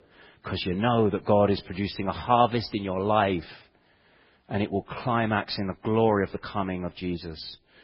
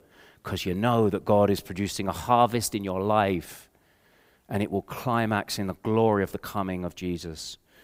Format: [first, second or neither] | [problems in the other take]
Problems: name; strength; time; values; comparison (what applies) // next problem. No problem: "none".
second | garbled, watery; badly; nothing above 5.5 kHz